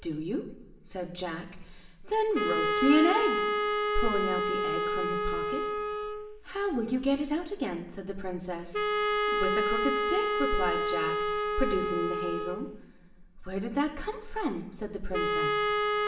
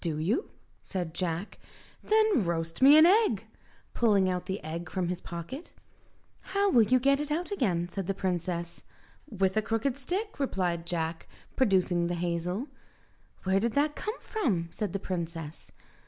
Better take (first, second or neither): second